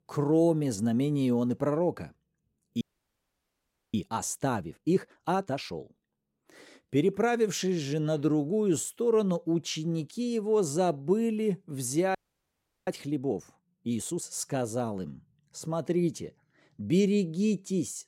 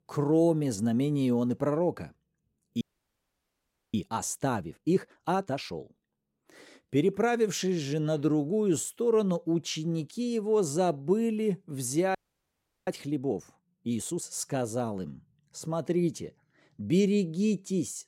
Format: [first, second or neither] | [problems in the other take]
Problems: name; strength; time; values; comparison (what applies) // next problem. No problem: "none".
neither | audio freezing; at 3 s for 1 s and at 12 s for 0.5 s; the same in both